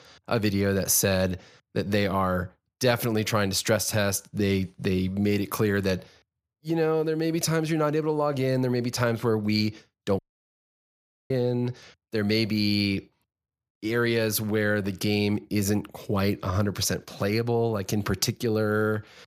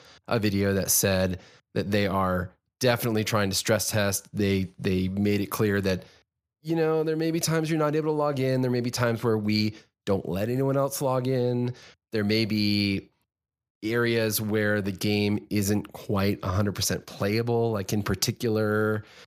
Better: second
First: audio cutting out; at 10 s for 1 s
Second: none

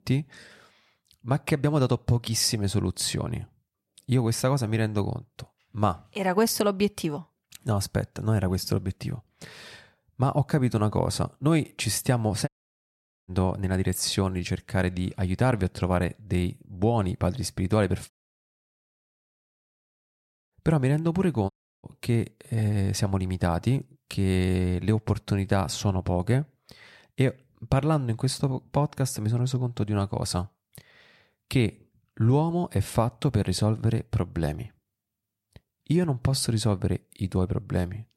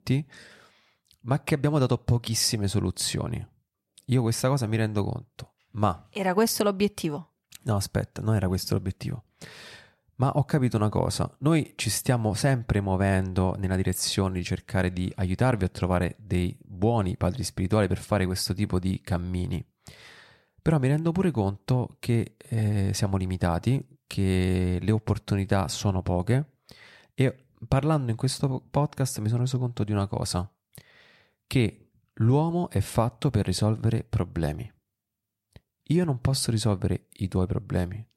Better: second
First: audio cutting out; at 12 s for 1 s, at 18 s for 2.5 s and at 22 s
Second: none

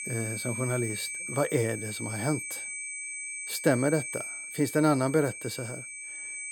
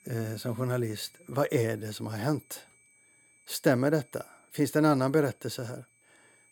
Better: second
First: high-pitched whine; loud; throughout; 2.5 kHz, 6 dB below the speech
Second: high-pitched whine; faint; throughout; 2.5 kHz, 30 dB below the speech

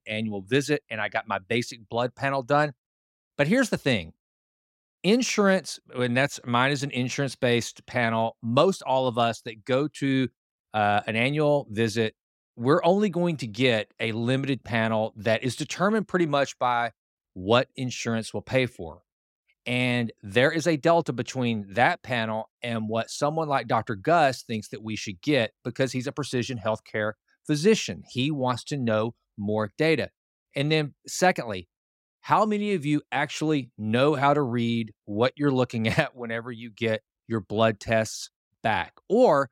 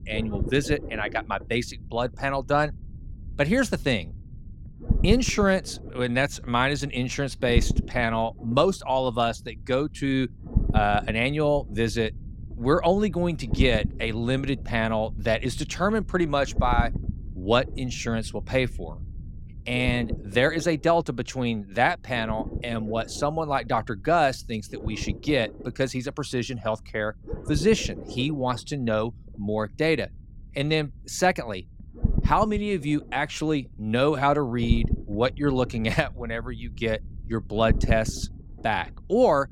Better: first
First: none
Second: low rumble; noticeable; throughout; 20 dB below the speech

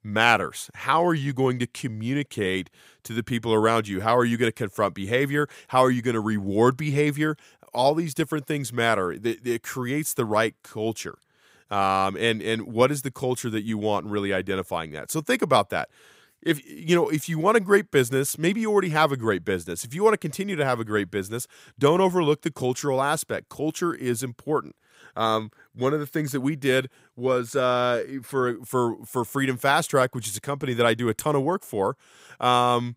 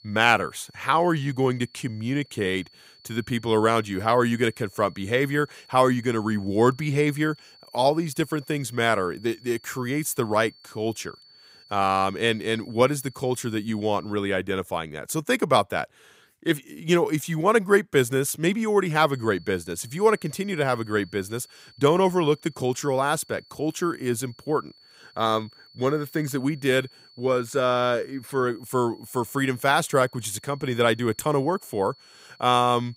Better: first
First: none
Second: high-pitched whine; faint; until 14 s and from 19 s on; 4.5 kHz, 25 dB below the speech

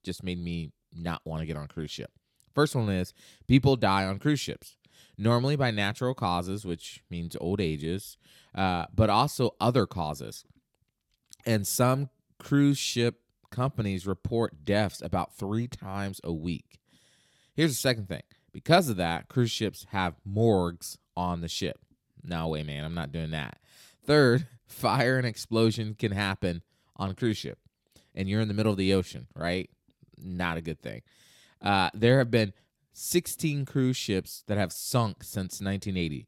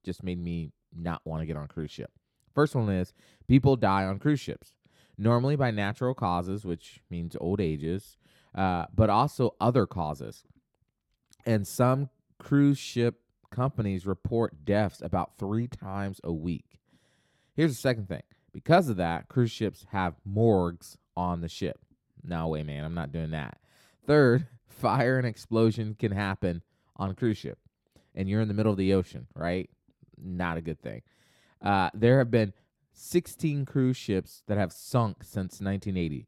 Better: first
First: none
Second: muffled; slightly; fading above 2 kHz

